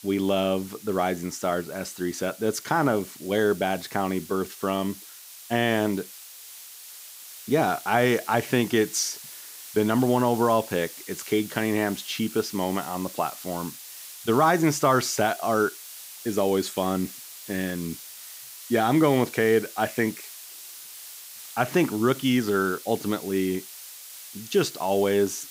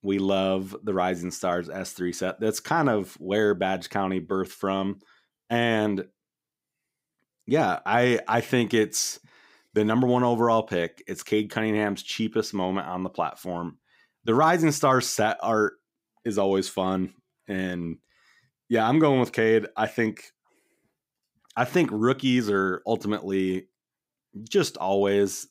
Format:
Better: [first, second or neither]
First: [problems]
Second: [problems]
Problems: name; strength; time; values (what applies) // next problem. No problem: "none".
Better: second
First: hiss; noticeable; throughout; 15 dB below the speech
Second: none